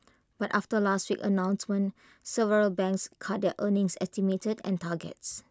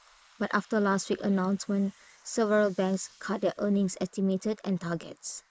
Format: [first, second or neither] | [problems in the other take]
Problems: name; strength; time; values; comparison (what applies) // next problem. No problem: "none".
first | noise reduction (neural mask model Resemble Enhance denoiser)